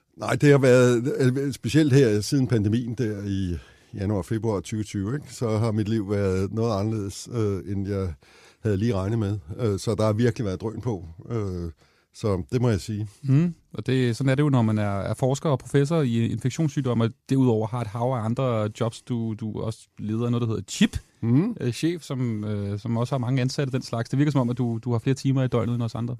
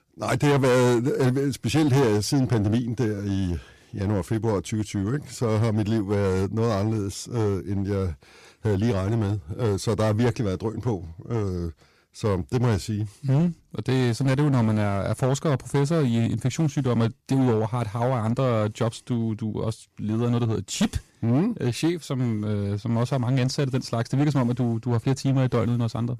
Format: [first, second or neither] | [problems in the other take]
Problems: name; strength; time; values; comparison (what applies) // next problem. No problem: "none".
first | distortion; slight; 9% of the sound clipped